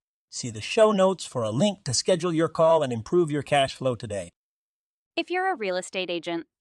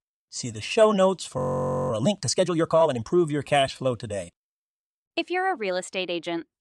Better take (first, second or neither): first